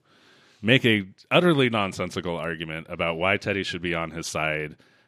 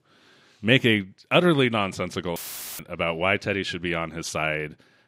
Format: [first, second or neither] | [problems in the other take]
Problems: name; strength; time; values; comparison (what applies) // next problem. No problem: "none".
first | audio cutting out; filled with static; at 2.5 s